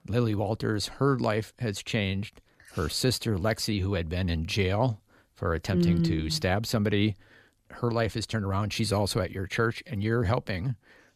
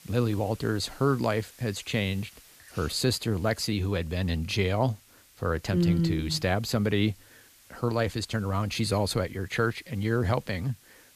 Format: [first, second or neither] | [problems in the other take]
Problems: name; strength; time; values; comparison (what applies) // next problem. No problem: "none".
first | hiss; faint; throughout; 25 dB below the speech